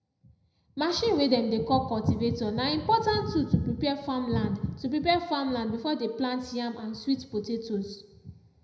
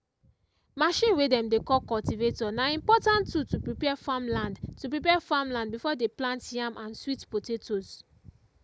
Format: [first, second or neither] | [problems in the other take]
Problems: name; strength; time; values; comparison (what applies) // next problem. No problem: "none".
second | room echo; dies away in 0.7 s